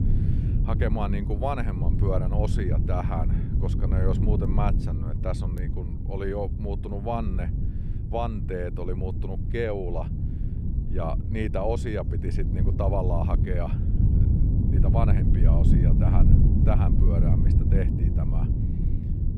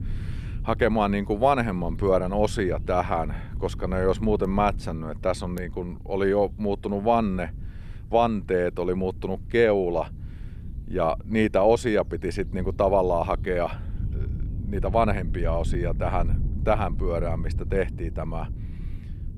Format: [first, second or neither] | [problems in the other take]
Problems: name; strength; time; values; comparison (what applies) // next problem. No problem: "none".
second | low rumble; loud; throughout; 5 dB below the speech; faint in the second